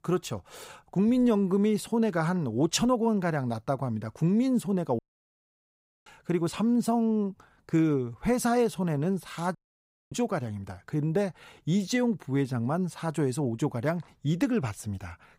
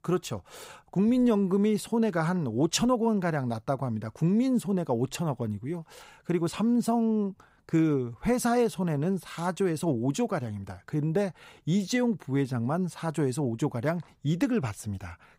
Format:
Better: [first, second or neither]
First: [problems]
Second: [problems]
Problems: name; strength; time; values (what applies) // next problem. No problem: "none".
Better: second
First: audio cutting out; at 5 s for 1 s and at 9.5 s for 0.5 s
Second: none